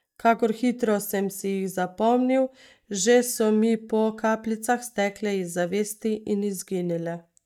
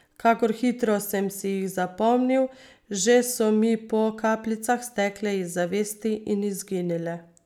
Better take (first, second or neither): second